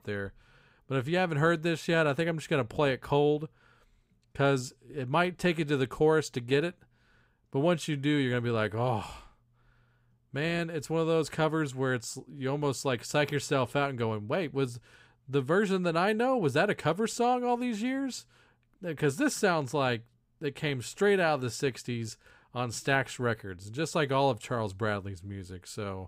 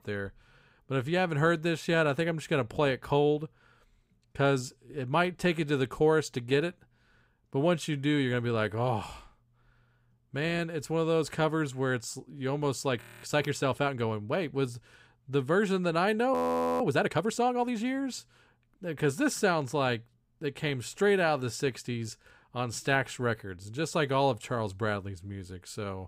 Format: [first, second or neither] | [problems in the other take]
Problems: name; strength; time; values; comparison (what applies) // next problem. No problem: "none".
first | audio freezing; at 13 s and at 16 s